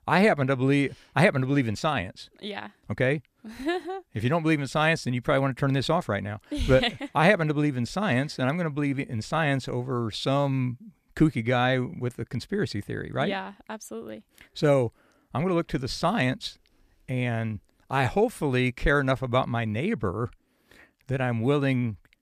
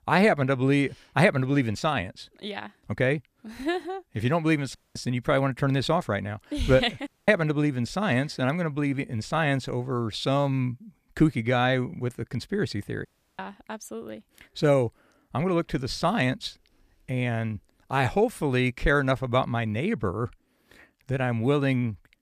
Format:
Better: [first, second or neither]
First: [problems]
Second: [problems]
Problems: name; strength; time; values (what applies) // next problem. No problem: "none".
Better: first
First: none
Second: audio cutting out; at 5 s, at 7 s and at 13 s